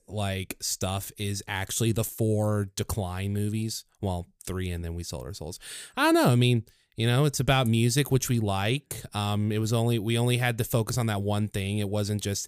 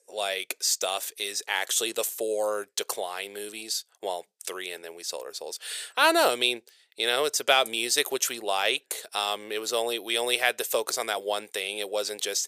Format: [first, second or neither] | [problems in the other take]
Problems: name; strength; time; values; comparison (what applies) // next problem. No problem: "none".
first | thin; very; fading below 450 Hz